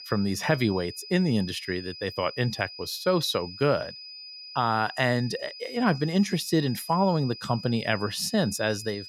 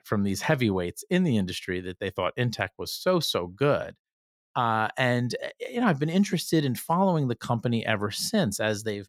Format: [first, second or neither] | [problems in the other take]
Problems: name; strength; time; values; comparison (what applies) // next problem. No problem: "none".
second | high-pitched whine; noticeable; throughout; 5 kHz, 15 dB below the speech